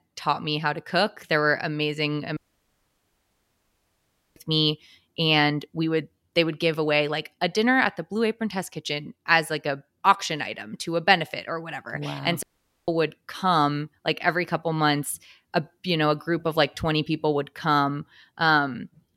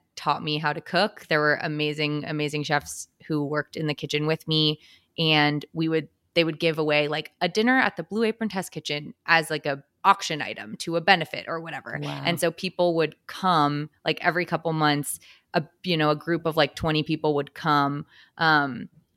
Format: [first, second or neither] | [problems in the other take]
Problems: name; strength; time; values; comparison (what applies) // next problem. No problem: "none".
second | audio cutting out; at 2.5 s for 2 s and at 12 s